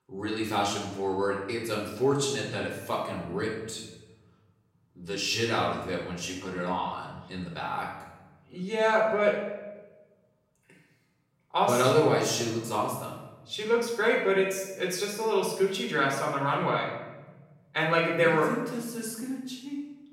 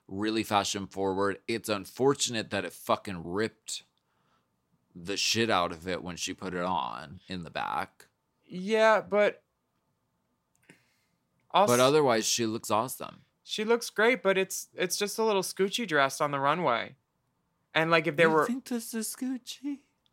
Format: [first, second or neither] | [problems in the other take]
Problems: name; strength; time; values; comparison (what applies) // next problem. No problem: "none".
second | off-mic speech; far // room echo; noticeable; dies away in 1.1 s